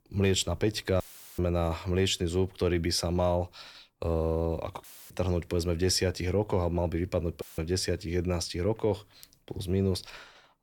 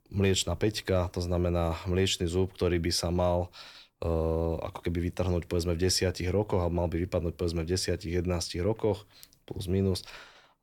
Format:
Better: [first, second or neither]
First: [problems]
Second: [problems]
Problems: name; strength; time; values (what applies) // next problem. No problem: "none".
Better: second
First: audio cutting out; filled with static; at 1 s, at 5 s and at 7.5 s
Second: none